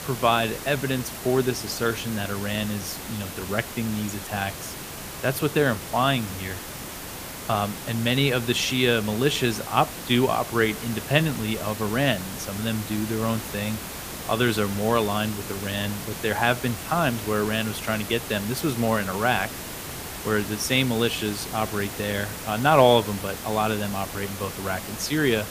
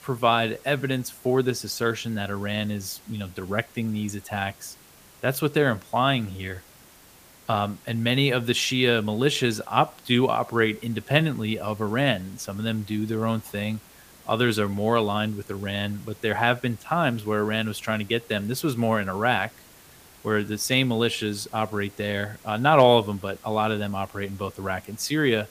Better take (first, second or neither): second